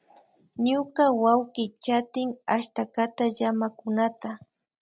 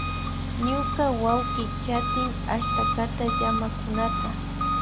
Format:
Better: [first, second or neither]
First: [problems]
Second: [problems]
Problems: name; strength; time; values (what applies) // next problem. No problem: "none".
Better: first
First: none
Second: background sound (Engine); 2 dB above the speech